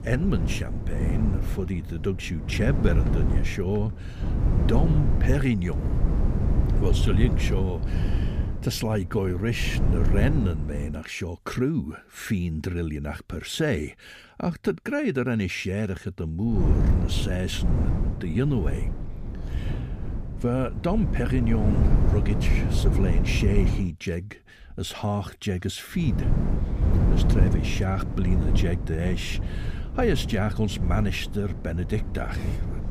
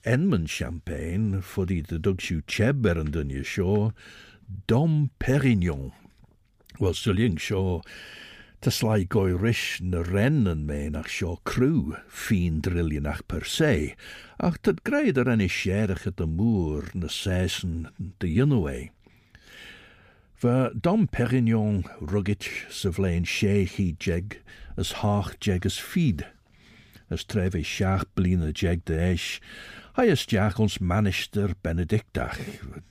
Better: second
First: wind noise on the microphone; heavy; until 11 s, from 17 to 24 s and from 26 s on; 6 dB below the speech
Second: none

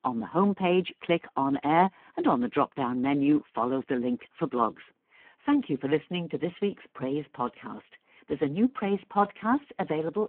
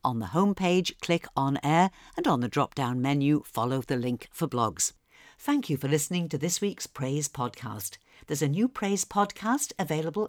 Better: second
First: phone-call audio; poor line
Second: none

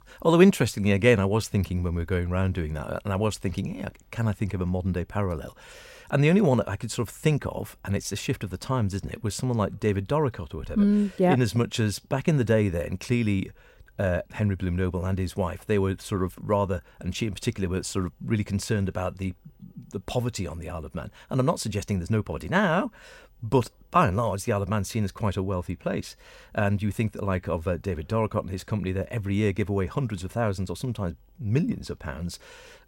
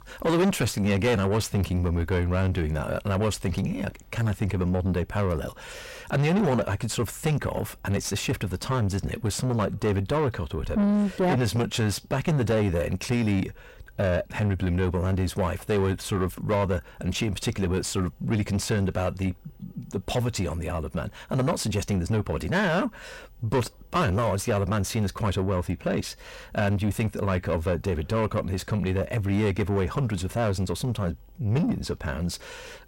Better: first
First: none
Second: distortion; heavy; 6 dB below the speech

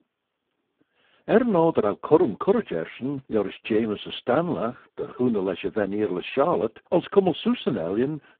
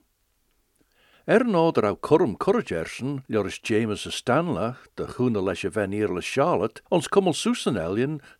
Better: second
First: phone-call audio; poor line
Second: none

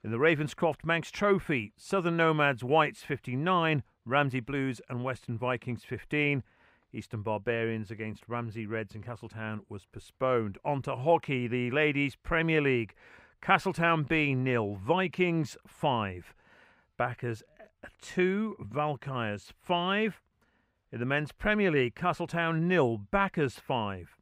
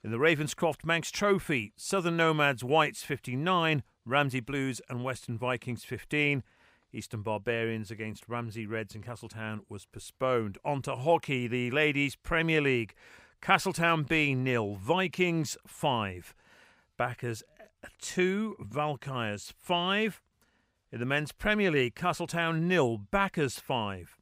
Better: second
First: muffled; slightly; fading above 3.5 kHz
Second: none

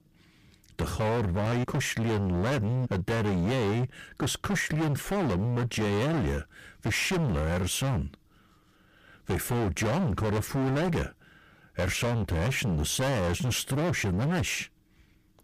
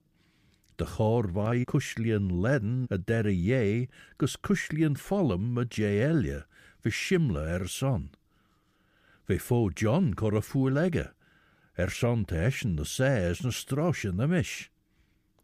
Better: second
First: distortion; heavy; 32% of the sound clipped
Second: none

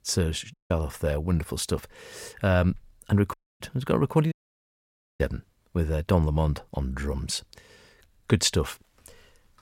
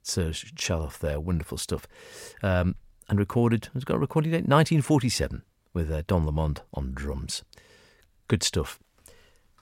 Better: second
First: audio cutting out; at 0.5 s, at 3.5 s and at 4.5 s for 1 s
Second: none

